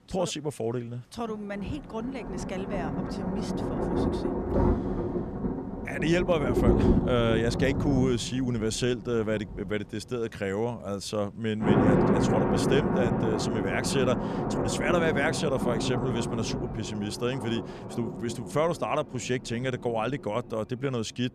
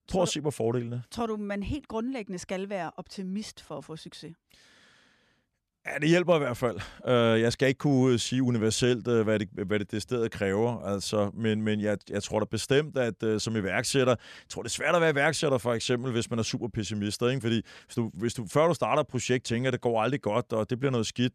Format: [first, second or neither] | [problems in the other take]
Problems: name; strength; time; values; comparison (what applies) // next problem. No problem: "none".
second | rain or running water; very loud; throughout; 1 dB above the speech